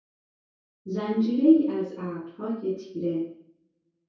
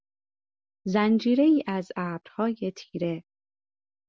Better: second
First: room echo; dies away in 0.6 s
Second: none

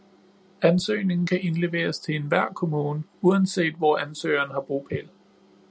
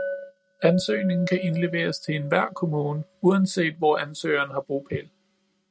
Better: first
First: none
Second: noise reduction (neural mask model RNNoise)

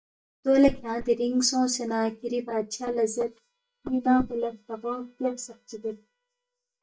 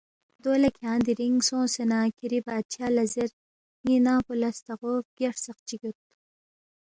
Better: second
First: noise reduction (neural mask model DeepFilterNet 3)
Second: none

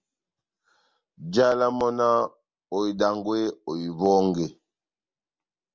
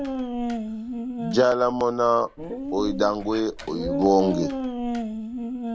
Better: first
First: none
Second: background sound (Dog); 5 dB below the speech

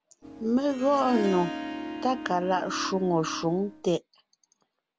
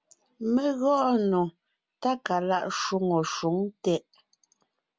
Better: second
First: background sound (Harp); 8 dB below the speech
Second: none

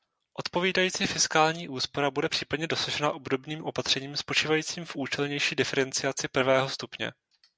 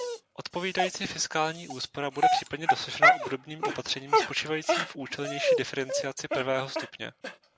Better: first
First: none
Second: background sound (Dog); 4 dB above the speech

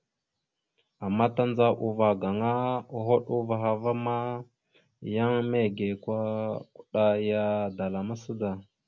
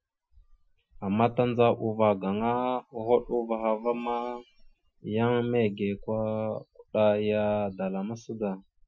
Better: first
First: none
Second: noise reduction (classical method Wiener filter)

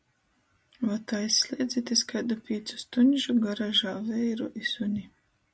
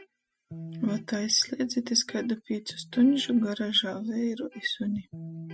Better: first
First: none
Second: noise reduction (classical method spectral subtraction)

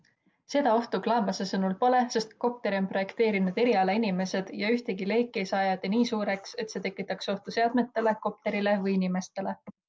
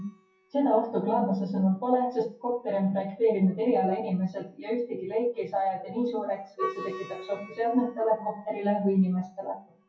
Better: first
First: none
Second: noise reduction (classical method WPE with log-MMSE)

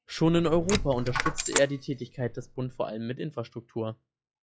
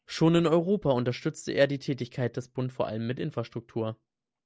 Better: second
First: noise reduction (classical method log-MMSE)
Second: none

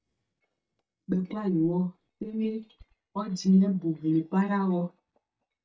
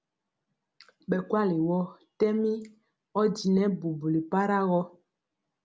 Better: second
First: noise reduction (neural mask model DeepFilterNet 3)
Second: none

